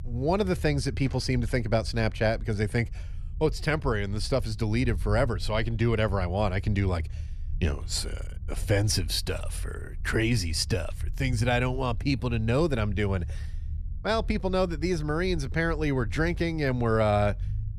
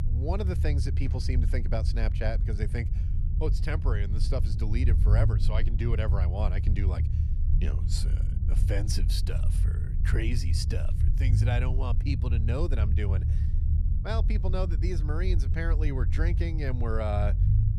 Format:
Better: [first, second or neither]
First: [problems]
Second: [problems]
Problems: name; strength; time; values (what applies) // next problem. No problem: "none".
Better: first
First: low rumble; faint; throughout; 25 dB below the speech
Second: low rumble; loud; throughout; 7 dB below the speech